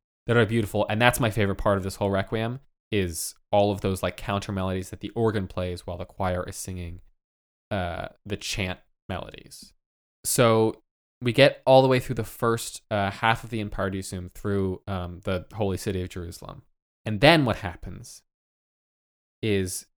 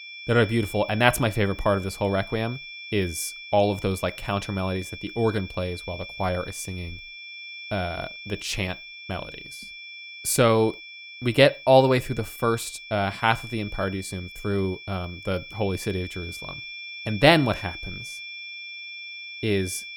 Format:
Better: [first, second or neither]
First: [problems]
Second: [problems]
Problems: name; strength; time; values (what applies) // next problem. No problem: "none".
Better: first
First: none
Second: high-pitched whine; noticeable; throughout; 2.5 kHz, 15 dB below the speech